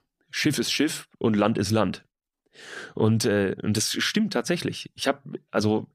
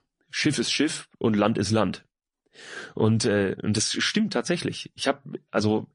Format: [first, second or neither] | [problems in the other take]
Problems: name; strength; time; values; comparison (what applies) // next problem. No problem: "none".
first | garbled, watery; slightly; nothing above 10.5 kHz